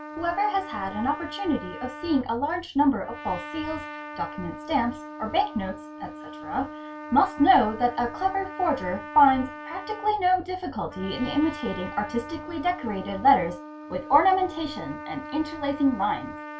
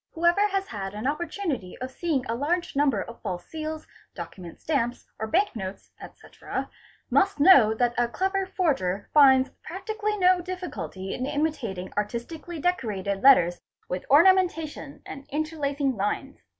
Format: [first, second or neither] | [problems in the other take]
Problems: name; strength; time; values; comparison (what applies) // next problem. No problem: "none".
second | background sound (Trumpet); 13 dB below the speech // room echo; dies away in 0.2 s